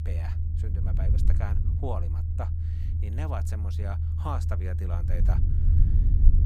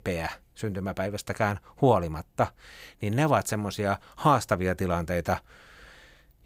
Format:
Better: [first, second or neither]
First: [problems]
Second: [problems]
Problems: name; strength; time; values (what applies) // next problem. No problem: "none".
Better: second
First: low rumble; loud; throughout; 3 dB below the speech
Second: none